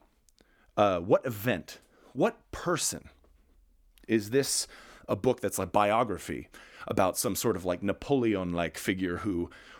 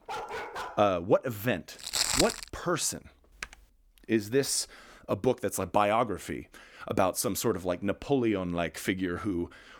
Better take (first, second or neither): first